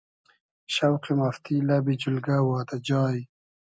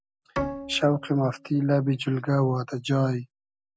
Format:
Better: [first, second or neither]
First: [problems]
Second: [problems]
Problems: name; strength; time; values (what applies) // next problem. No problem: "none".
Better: first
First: none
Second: background sound (Bowed string instrument); 12 dB below the speech